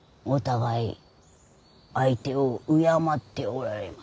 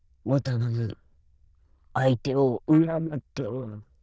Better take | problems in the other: first | noise reduction (neural diffusion model UNIVERSE++)

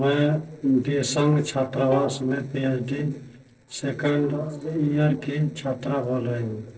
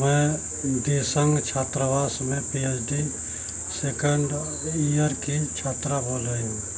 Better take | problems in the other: second | noise reduction (neural separator model SepFormer DNS4)

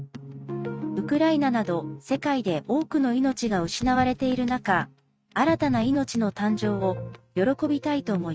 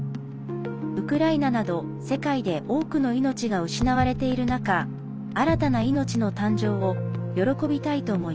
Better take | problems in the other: second | noise reduction (neural mask model RNNoise)

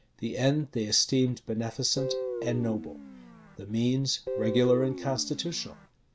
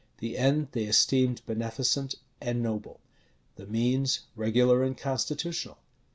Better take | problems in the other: second | background sound (Guitar); 7 dB below the speech

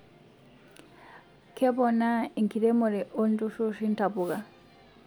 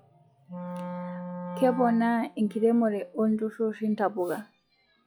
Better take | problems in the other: first | noise reduction (classical method log-MMSE)

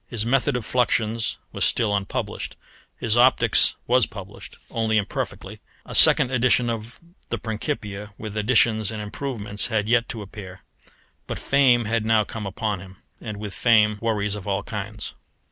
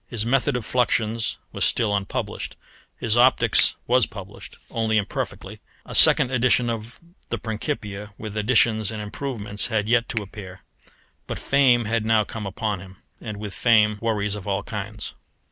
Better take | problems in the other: first | background sound (Finger snapping); 17 dB below the speech

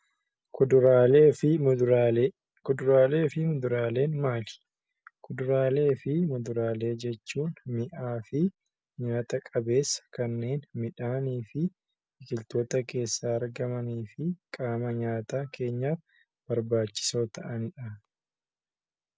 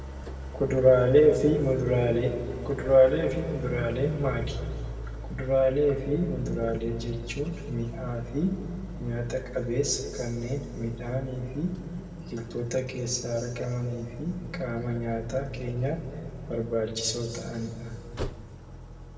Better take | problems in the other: first | background sound (Idling); 11 dB below the speech // room echo; dies away in 2.1 s

